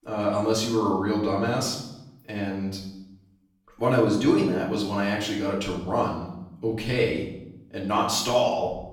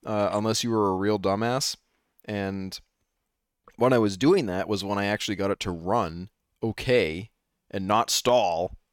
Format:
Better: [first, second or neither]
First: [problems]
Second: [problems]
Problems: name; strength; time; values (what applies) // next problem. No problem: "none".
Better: second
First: off-mic speech; far // room echo; noticeable; dies away in 0.7 s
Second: none